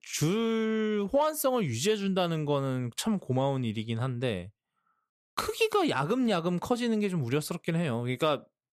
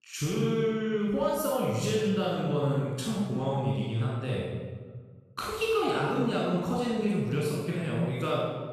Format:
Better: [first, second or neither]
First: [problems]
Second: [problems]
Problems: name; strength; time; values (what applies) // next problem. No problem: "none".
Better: first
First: none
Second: off-mic speech; far // room echo; strong; dies away in 1.3 s